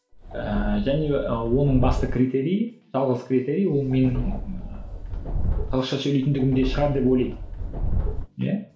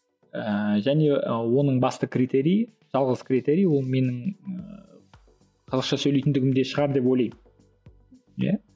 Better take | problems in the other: second | background sound (Subway, metro, underground); 3 dB below the speech // room echo; dies away in 0.4 s

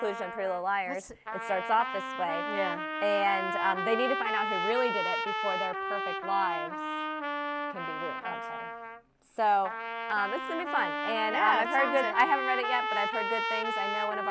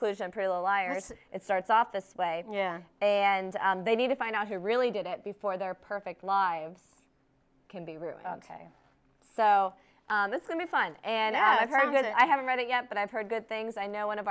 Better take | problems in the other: second | background sound (Trumpet); 2 dB below the speech

